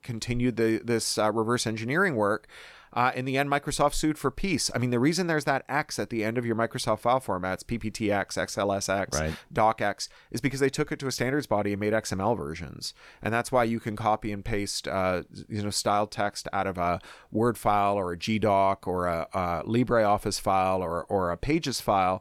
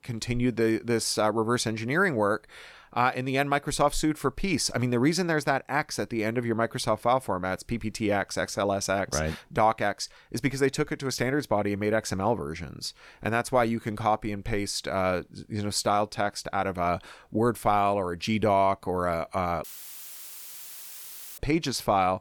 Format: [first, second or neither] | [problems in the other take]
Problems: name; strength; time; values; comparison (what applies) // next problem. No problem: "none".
first | audio cutting out; filled with static; at 20 s for 1.5 s